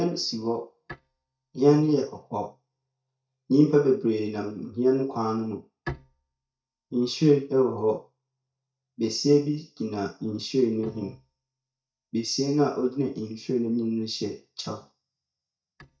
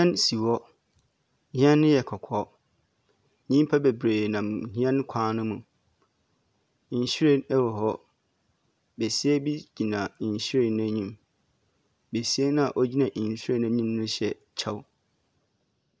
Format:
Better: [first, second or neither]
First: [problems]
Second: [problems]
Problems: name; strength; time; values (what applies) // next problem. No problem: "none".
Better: second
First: noise reduction (neural mask model DeepFilterNet 3)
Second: none